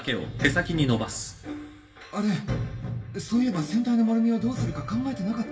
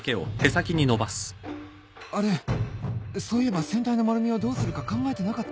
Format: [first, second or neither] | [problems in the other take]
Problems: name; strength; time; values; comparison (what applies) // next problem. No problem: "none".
second | room echo; dies away in 0.7 s